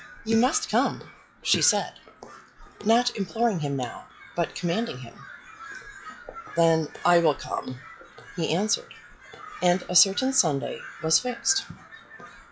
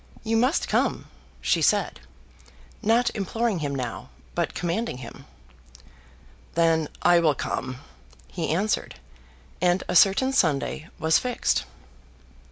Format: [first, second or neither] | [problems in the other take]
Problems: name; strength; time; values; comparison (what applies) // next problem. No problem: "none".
second | noise reduction (classical method log-MMSE)